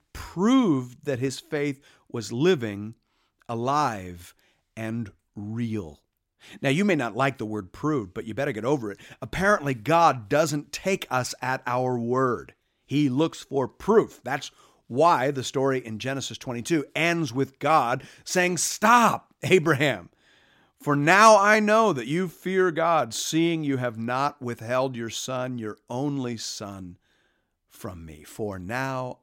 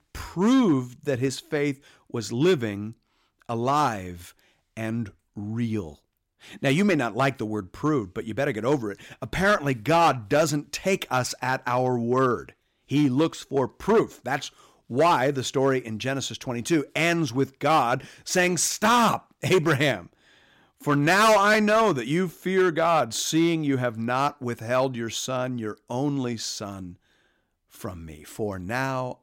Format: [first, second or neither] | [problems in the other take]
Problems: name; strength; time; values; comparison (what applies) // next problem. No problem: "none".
first | distortion; slight; 3% of the sound clipped